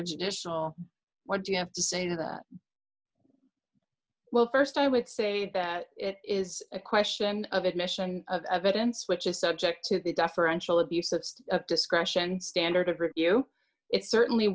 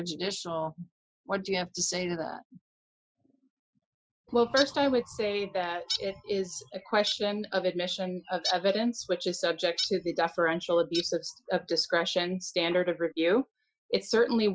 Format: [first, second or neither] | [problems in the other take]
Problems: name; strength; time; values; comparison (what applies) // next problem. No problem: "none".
first | noise reduction (classical method Wiener filter)